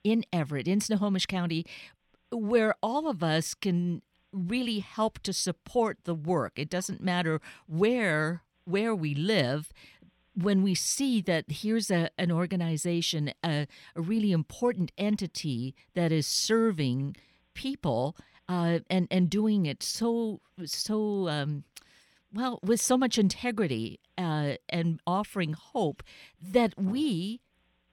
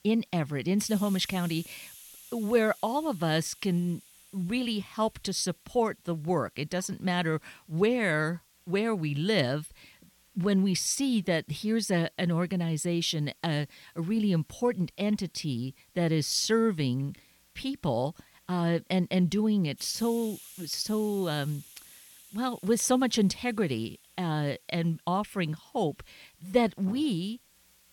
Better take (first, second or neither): first